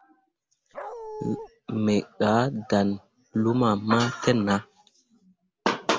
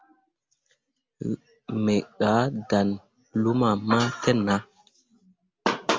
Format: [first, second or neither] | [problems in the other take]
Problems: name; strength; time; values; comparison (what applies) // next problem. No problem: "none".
second | background sound (Dog); 11 dB below the speech